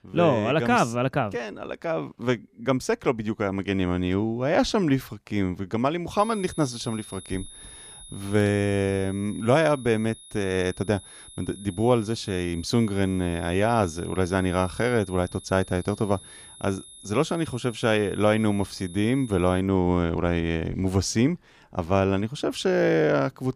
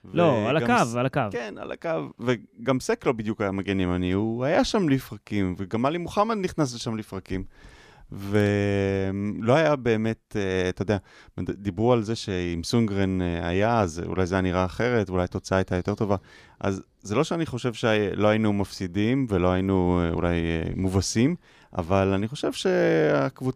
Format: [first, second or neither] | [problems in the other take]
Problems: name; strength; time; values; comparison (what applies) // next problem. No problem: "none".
second | high-pitched whine; noticeable; from 6 to 20 s; 10.5 kHz, 20 dB below the speech